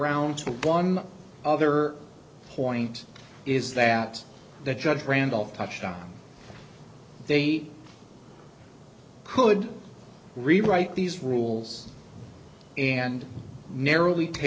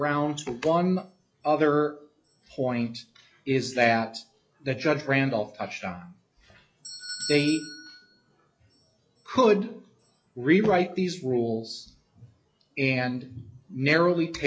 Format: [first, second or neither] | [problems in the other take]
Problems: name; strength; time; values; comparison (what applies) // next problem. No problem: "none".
first | noise reduction (classical method log-MMSE)